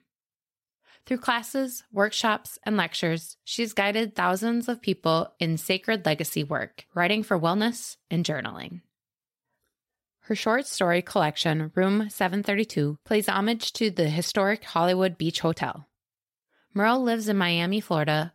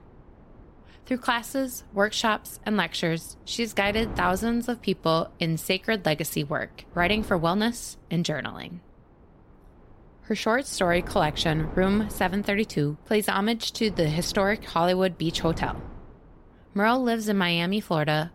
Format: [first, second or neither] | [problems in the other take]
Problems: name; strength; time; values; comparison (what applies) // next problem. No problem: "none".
first | wind noise on the microphone; occasional gusts; 20 dB below the speech